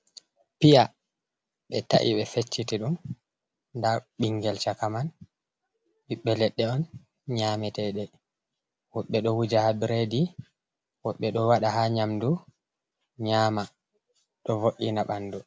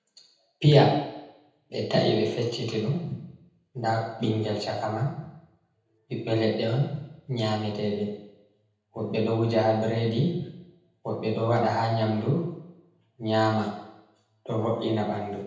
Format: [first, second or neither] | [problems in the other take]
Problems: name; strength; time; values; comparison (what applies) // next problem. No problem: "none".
first | room echo; dies away in 0.8 s